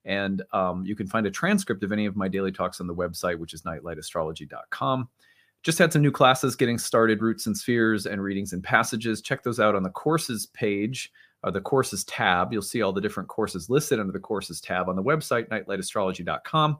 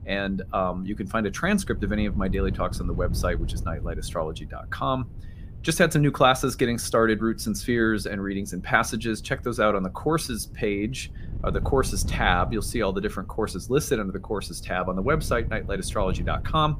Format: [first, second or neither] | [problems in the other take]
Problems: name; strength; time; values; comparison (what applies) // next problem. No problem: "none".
first | wind noise on the microphone; occasional gusts; 20 dB below the speech